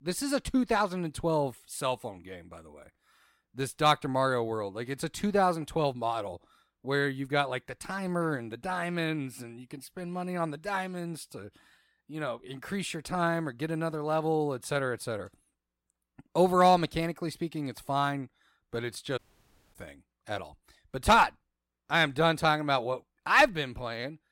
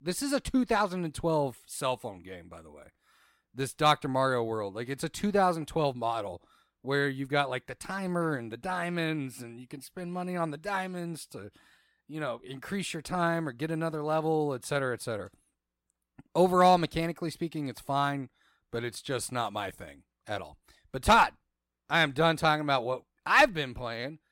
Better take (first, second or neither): second